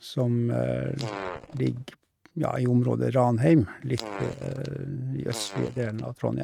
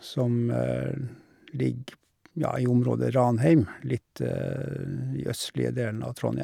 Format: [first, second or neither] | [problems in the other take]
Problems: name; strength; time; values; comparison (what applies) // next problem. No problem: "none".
second | noise reduction (neural mask model RNNoise)